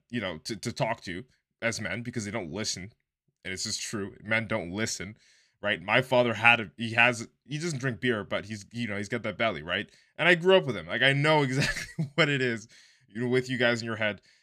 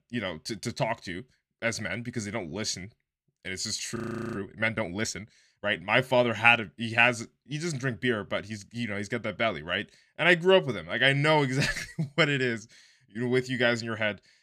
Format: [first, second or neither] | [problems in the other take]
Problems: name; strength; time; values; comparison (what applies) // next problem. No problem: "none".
first | audio freezing; at 4 s